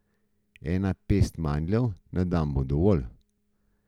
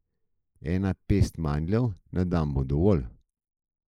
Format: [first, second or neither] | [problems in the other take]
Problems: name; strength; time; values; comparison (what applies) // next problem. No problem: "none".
first | noise reduction (neural mask model Resemble Enhance denoiser)